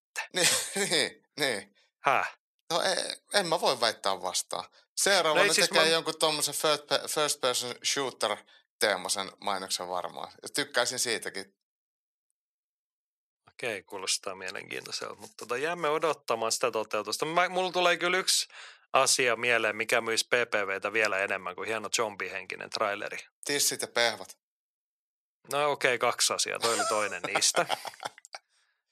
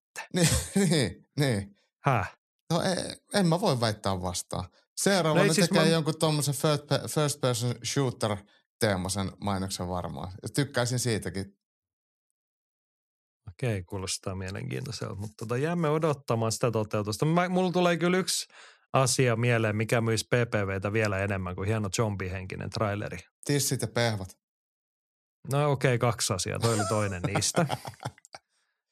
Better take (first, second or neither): second